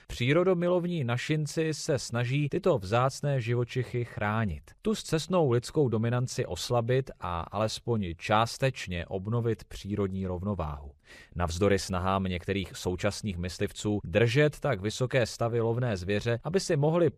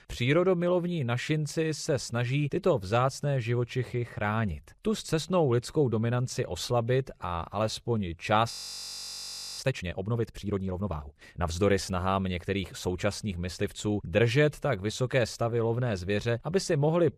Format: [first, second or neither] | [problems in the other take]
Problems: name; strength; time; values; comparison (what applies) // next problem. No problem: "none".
first | audio freezing; at 8.5 s for 1 s